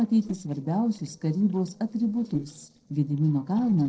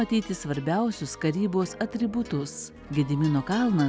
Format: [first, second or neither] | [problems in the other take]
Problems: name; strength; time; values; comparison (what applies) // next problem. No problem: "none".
second | noise reduction (neural separator model SepFormer DNS4)